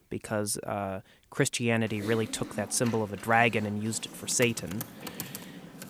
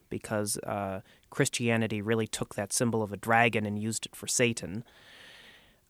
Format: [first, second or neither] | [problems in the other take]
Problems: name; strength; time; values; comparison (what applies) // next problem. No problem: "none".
second | keyboard typing; noticeable; from 2 s on; peak 9 dB below the speech